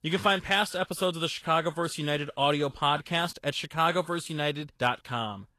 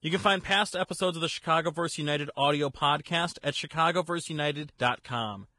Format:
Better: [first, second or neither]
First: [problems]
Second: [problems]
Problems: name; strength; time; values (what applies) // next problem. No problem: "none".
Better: first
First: garbled, watery; slightly; nothing above 13.5 kHz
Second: garbled, watery; badly; nothing above 10.5 kHz